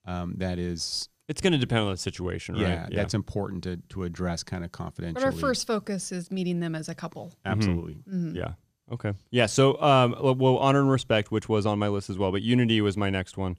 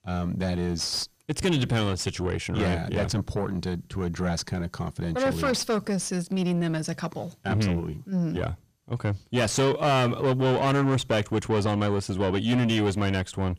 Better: first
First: none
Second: distortion; heavy; 7 dB below the speech

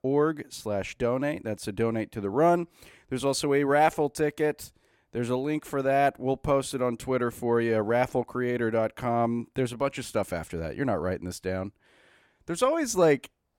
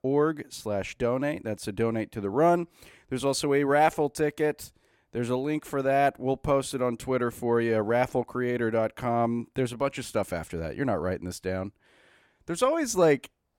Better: neither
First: none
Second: none

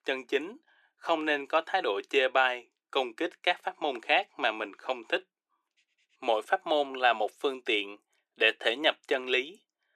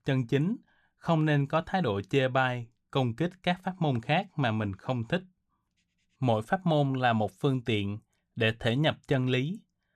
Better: second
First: thin; very; fading below 350 Hz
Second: none

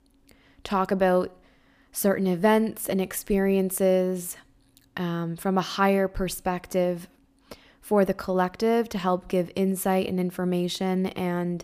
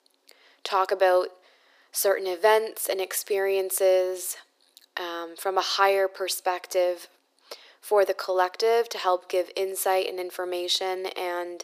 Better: first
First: none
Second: thin; very; fading below 400 Hz

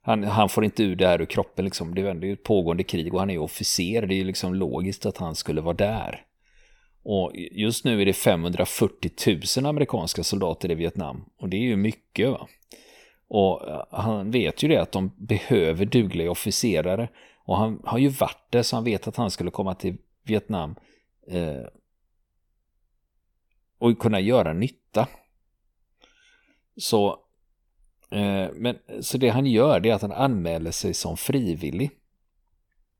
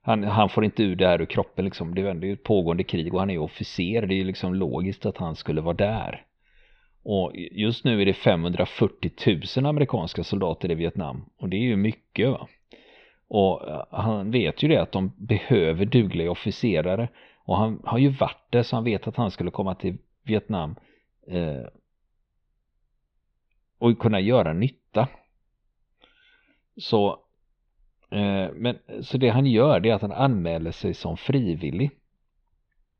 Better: first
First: none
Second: muffled; slightly; fading above 4 kHz

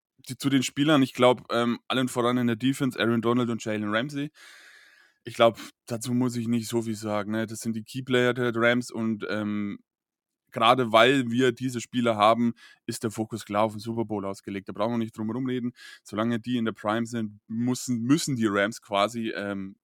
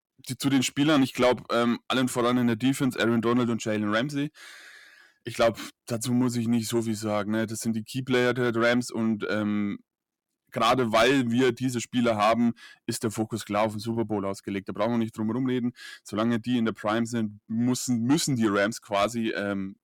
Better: first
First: none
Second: distortion; slight; 10 dB below the speech

